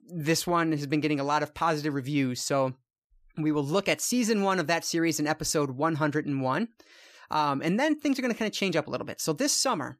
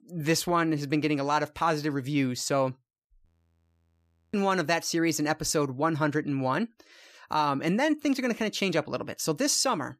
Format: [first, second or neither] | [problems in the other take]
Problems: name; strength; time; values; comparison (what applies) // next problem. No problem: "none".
first | audio freezing; at 3.5 s for 1 s